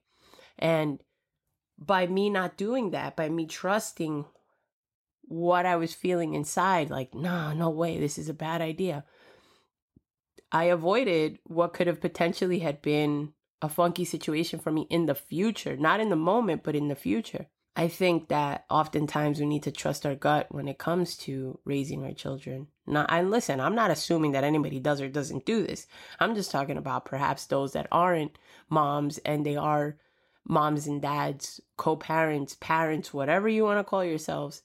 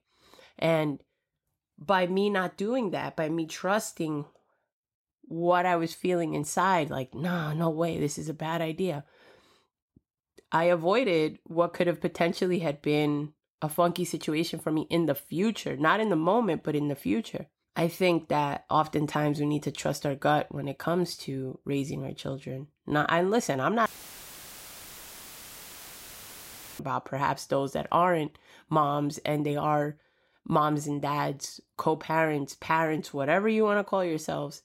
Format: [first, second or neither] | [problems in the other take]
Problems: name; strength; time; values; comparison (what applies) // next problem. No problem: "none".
first | audio cutting out; filled with static; at 24 s for 3 s